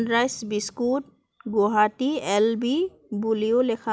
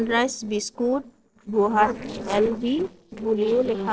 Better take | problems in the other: first | noise reduction (neural separator model SepFormer DNS4)

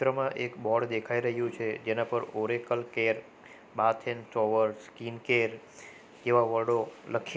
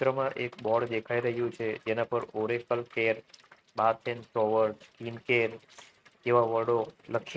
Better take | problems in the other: first | noise reduction (neural mask model RNNoise)

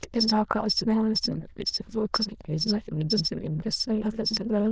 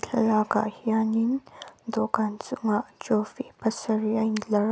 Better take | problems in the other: second | noise reduction (neural diffusion model UNIVERSE++)

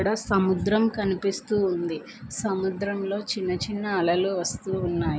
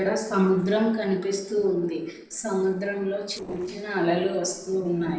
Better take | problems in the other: first | noise reduction (neural separator model SepFormer DNS4)

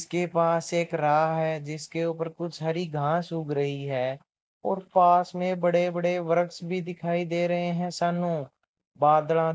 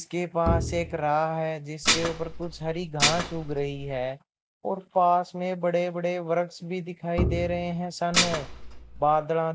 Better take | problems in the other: first | background sound (Dishes, pots, and pans + Bowed string instrument); 2 dB below the speech

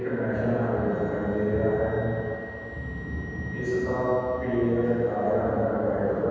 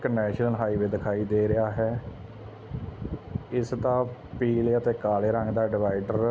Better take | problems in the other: second | background sound (Wind instrument, woodwind instrument); 19 dB below the speech // room echo; dies away in 2.1 s

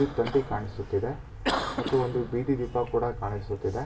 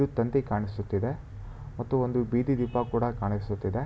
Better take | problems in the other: second | background sound (Cough); 8 dB below the speech // room echo; dies away in 0.2 s

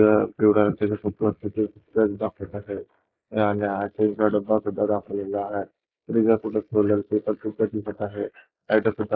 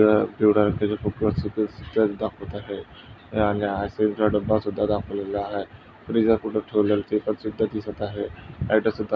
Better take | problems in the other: second | noise reduction (neural mask model Resemble Enhance denoiser)

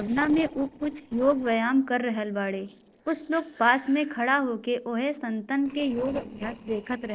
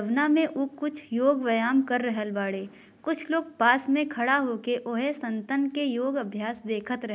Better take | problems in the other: second | noise reduction (neural separator model SepFormer DNS4)

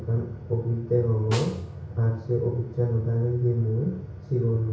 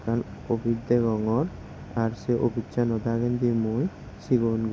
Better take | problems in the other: second | background sound (Snare drum); 18 dB below the speech // room echo; dies away in 0.6 s

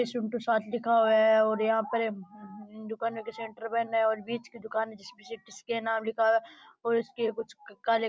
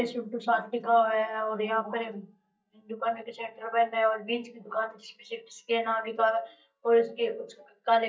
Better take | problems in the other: first | noise reduction (neural mask model DeepFilterNet 3)

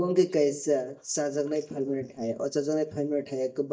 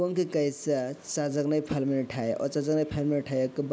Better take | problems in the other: second | noise reduction (neural mask model DeepFilterNet 3)

